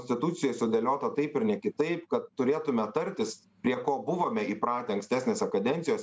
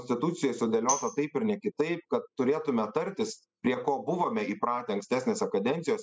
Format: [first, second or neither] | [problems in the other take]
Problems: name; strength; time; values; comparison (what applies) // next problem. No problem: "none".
first | noise reduction (classical method spectral subtraction)